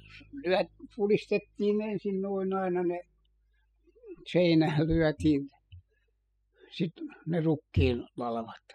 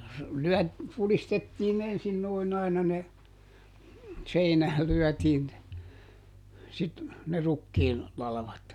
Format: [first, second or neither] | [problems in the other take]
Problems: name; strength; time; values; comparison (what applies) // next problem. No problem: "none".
second | noise reduction (classical method spectral subtraction)